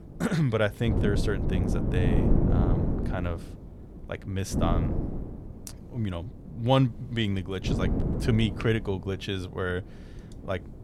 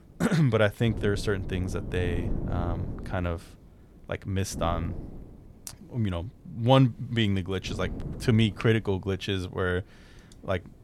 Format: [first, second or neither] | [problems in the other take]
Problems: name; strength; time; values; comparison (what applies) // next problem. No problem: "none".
second | wind noise on the microphone; heavy; 4 dB below the speech; occasional gusts in the second